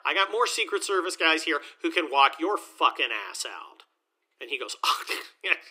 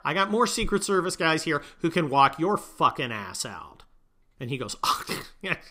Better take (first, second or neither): second